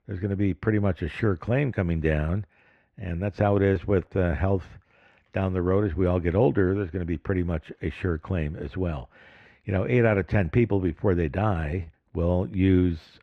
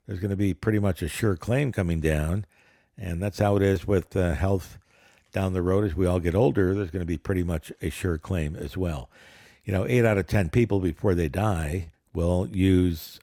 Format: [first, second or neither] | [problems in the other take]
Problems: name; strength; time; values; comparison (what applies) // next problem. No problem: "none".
second | muffled; slightly; fading above 2 kHz